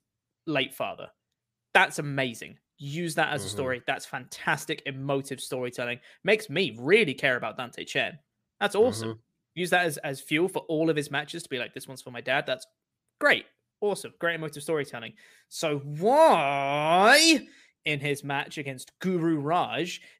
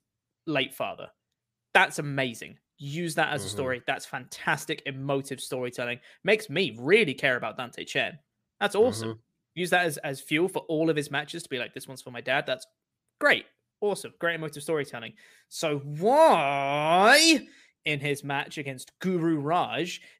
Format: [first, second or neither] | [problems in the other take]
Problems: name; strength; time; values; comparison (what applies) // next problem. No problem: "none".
neither | none